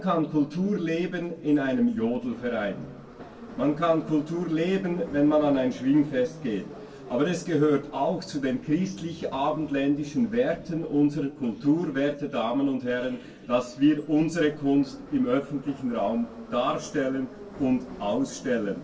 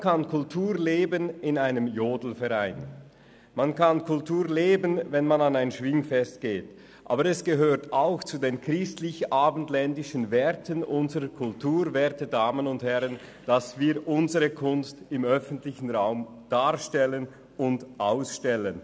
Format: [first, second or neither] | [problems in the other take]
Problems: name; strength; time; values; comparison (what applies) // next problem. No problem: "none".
second | background sound (Subway, metro, underground); 19 dB below the speech // room echo; dies away in 0.2 s